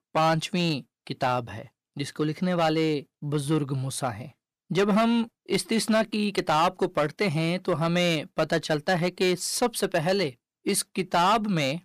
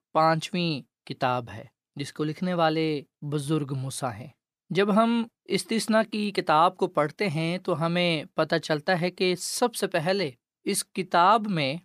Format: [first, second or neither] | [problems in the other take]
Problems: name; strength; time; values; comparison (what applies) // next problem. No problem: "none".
second | distortion; slight; 5% of the sound clipped